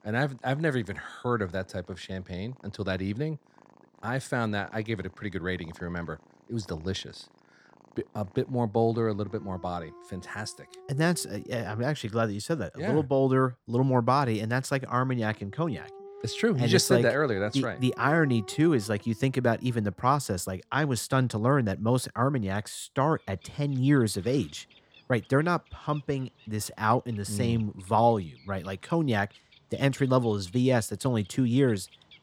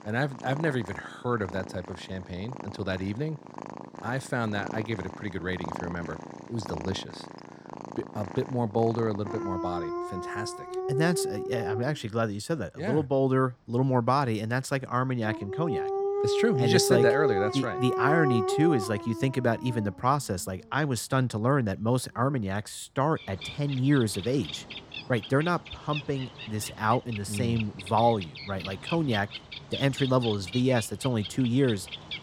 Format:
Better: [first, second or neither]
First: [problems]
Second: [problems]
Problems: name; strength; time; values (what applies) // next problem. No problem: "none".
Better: first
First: animal sounds; faint; throughout; 25 dB below the speech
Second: animal sounds; loud; throughout; 6 dB below the speech